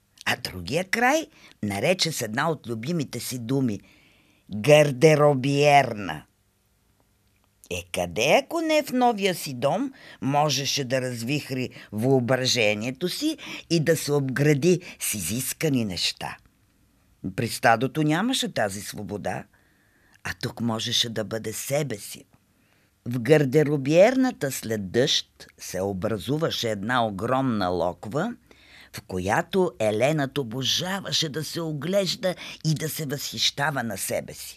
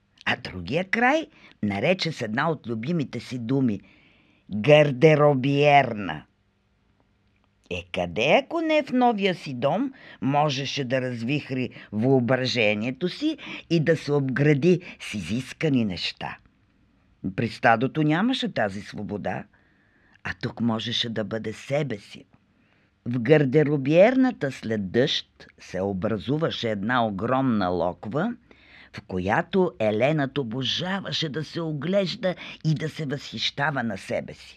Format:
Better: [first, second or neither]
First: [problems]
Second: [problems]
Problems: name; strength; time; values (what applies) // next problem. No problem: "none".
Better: first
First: none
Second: muffled; slightly; fading above 3 kHz